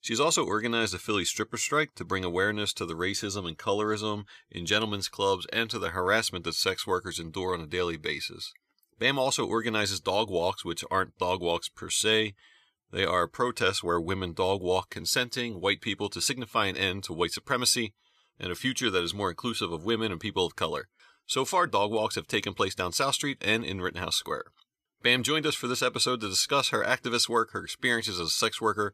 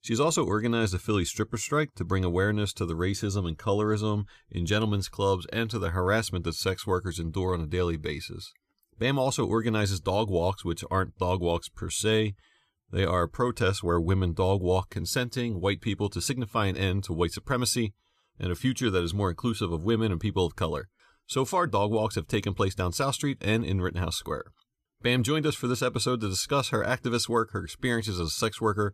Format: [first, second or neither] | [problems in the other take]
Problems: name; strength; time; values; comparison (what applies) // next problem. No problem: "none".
second | thin; somewhat; fading below 800 Hz